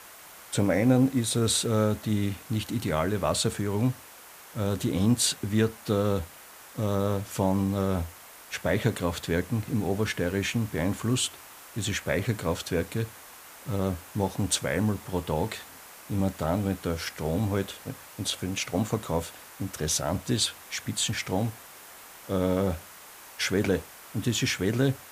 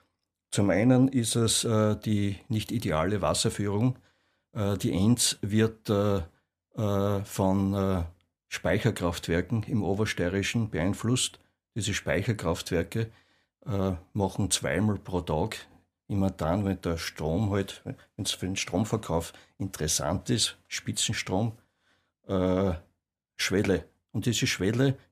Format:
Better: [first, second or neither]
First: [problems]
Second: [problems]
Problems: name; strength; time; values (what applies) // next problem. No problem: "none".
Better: second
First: hiss; noticeable; throughout; 15 dB below the speech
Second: none